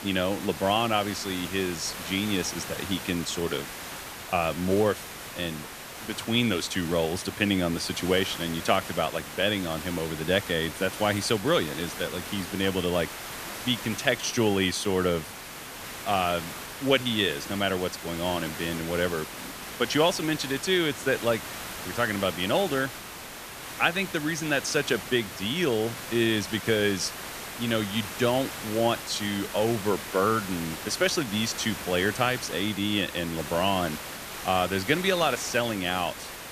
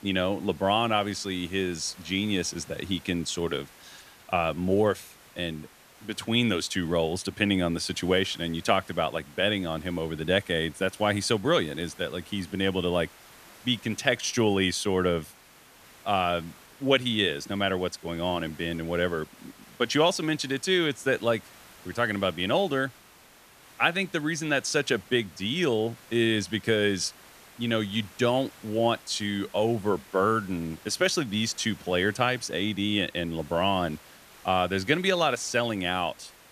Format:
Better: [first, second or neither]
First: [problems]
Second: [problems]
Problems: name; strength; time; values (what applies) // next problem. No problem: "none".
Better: second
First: hiss; loud; throughout; 9 dB below the speech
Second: hiss; faint; throughout; 25 dB below the speech